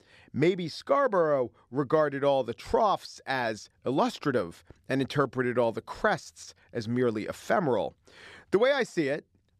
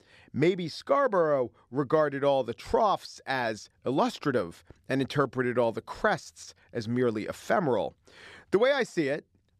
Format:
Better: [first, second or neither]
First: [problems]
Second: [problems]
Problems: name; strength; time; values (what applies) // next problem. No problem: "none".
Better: neither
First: none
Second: none